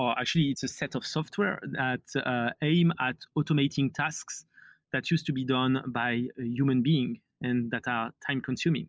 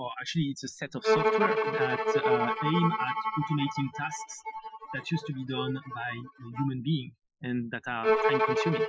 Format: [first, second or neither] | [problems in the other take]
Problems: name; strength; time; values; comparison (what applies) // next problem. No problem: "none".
first | noise reduction (classical method Wiener filter)